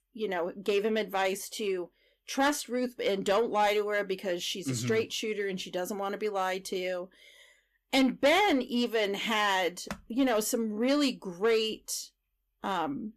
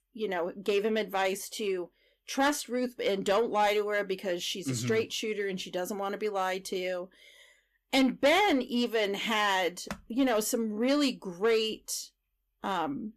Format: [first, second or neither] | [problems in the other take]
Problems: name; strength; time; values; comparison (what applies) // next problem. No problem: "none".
neither | distortion; slight; 10 dB below the speech; the same in both